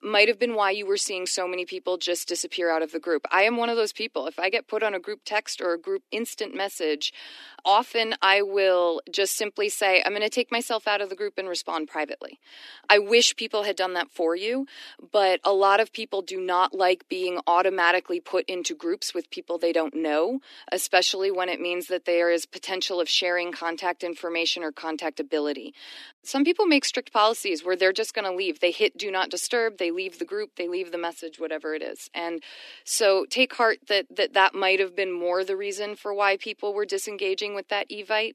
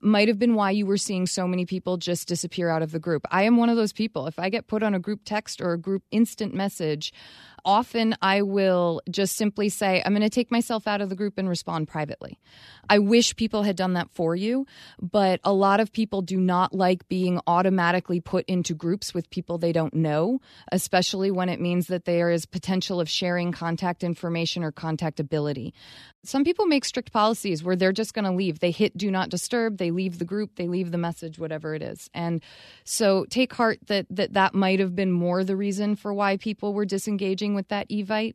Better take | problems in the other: second | thin; somewhat; fading below 300 Hz

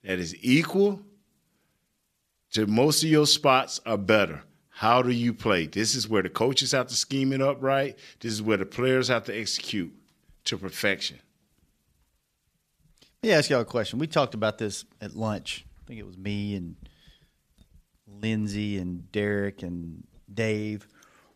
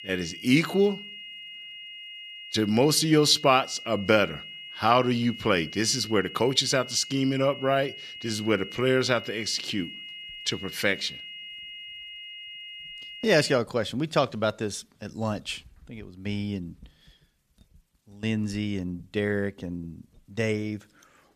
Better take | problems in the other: first | high-pitched whine; noticeable; until 14 s; 3 kHz, 15 dB below the speech

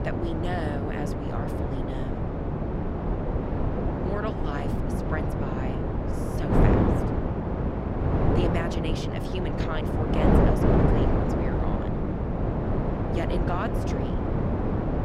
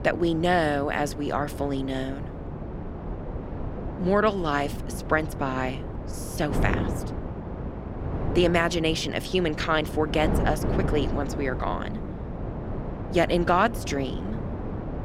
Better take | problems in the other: second | wind noise on the microphone; heavy; 5 dB above the speech; occasional gusts in the second

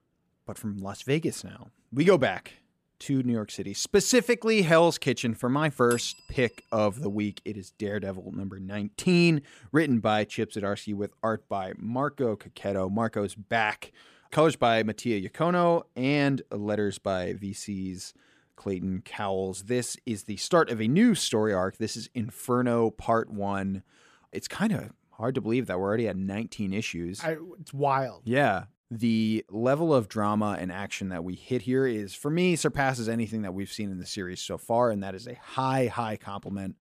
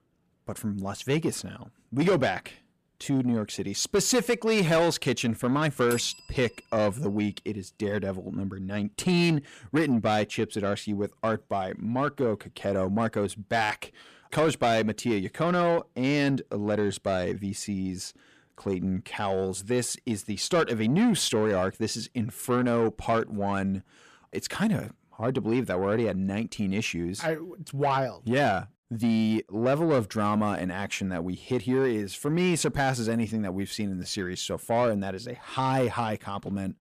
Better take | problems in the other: first | distortion; slight; 10 dB below the speech

